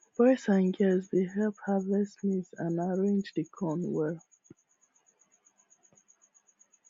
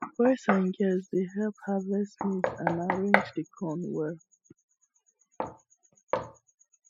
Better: first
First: none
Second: noise reduction (classical method spectral subtraction)

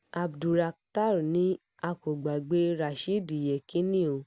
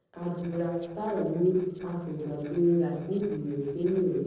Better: first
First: none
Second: noise reduction (neural separator model SepFormer DNS4)

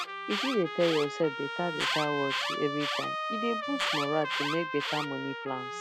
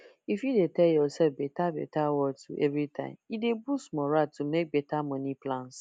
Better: second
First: background sound (Alarm + Trumpet); 1 dB below the speech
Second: none

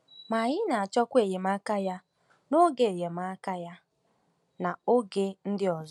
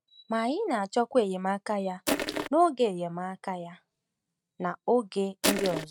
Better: first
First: none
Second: noise reduction (neural mask model RNNoise)

